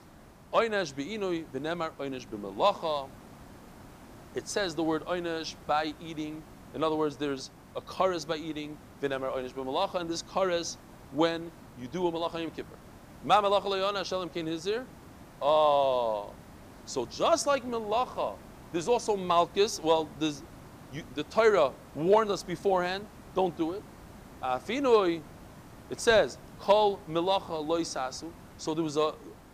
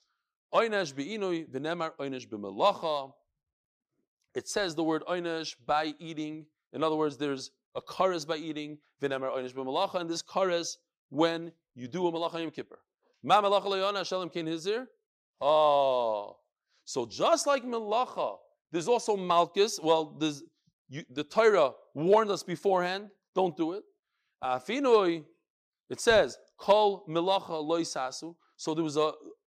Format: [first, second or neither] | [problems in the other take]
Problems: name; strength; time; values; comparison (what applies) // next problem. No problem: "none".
second | hiss; faint; throughout; 20 dB below the speech